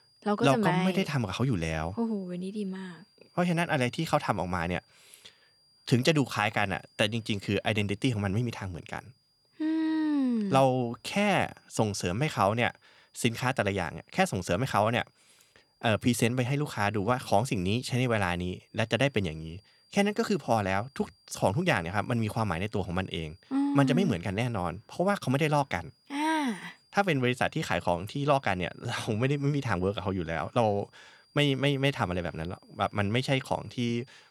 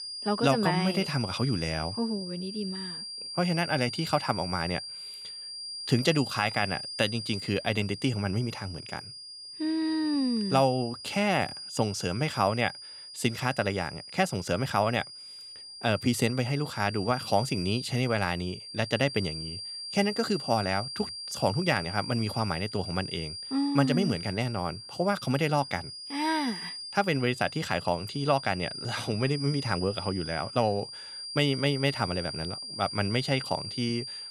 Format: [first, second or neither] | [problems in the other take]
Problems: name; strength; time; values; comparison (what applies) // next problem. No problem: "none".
first | high-pitched whine; loud; throughout; 4.5 kHz, 8 dB below the speech; faint in the first